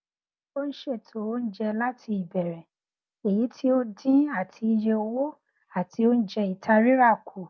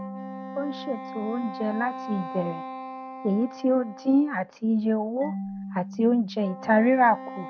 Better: first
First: none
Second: background sound (Wind instrument, woodwind instrument + Marimba, xylophone / Wood); 11 dB below the speech

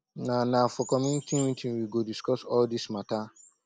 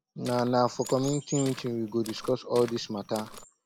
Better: first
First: none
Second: background sound (Walk, footsteps); 17 dB below the speech

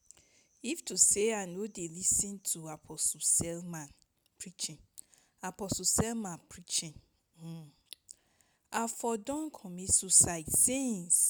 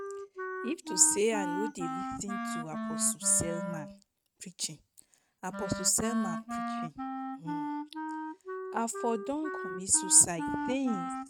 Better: first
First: none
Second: noise reduction (neural mask model RNNoise)

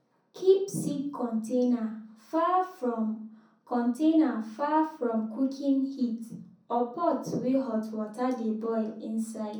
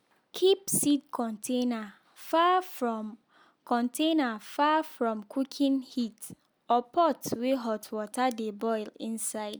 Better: second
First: room echo; dies away in 0.6 s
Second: none

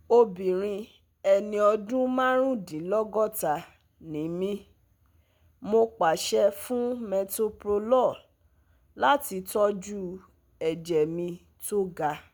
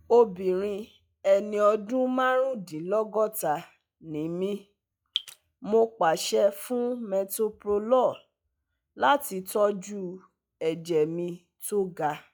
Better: first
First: none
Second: noise reduction (classical method log-MMSE)

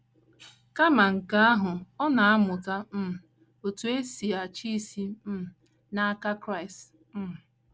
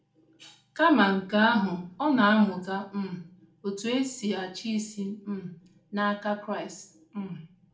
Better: first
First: none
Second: room echo; dies away in 0.4 s

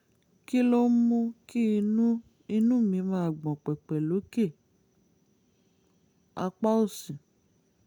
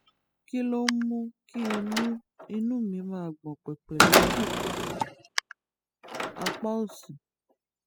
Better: first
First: none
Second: noise reduction (classical method spectral subtraction)

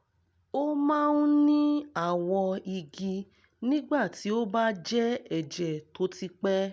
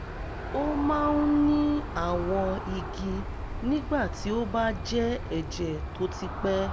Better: first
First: none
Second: background sound (Aircraft); 6 dB below the speech

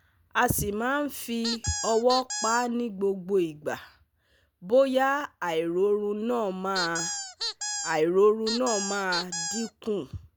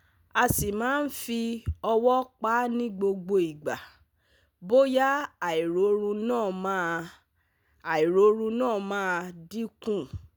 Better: second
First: background sound (Squeak); 7 dB below the speech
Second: none

